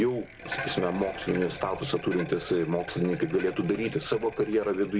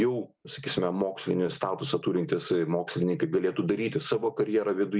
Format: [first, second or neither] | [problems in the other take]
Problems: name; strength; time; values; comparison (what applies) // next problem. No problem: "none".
second | background sound (Bicycle); 12 dB below the speech